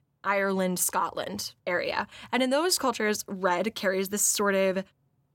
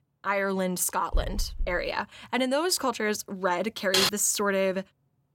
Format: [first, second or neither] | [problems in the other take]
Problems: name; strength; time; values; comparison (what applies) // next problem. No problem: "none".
first | dog barking; noticeable; at 1 s; peak 6 dB below the speech // keyboard typing; loud; at 4 s; peak 4 dB above the speech